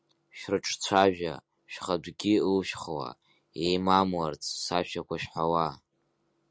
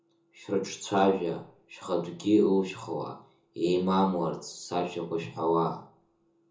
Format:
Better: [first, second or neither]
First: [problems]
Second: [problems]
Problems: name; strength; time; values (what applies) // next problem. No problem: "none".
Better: first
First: none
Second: room echo; dies away in 0.7 s